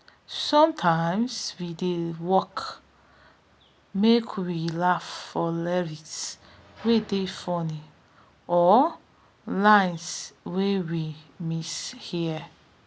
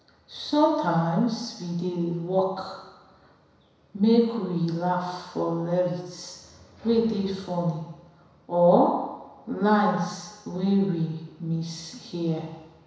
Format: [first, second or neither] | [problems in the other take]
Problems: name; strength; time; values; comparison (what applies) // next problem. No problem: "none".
first | room echo; dies away in 1 s